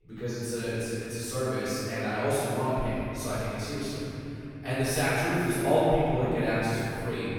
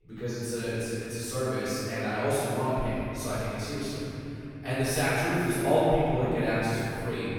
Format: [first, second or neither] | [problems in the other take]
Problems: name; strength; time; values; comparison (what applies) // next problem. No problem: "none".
neither | off-mic speech; far; the same in both // room echo; strong; dies away in 3 s; the same in both